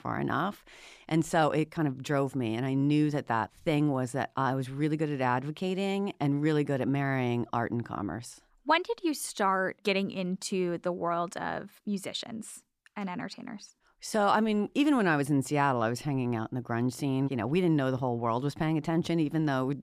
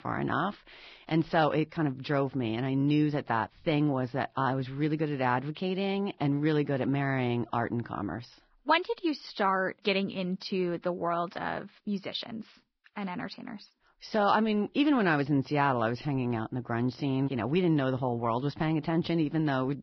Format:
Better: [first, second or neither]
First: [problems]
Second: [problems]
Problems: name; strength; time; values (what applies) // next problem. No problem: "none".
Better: first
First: none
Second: garbled, watery; badly; nothing above 5.5 kHz